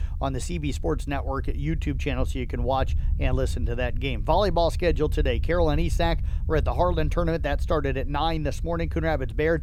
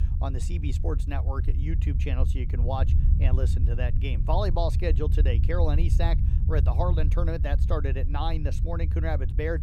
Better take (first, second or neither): first